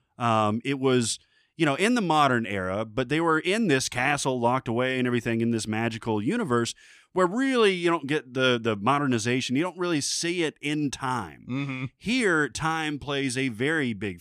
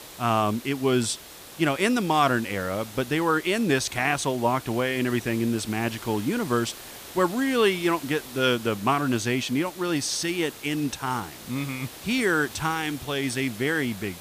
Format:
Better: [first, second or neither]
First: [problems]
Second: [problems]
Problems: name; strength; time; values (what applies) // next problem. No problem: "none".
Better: first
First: none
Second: hiss; noticeable; throughout; 15 dB below the speech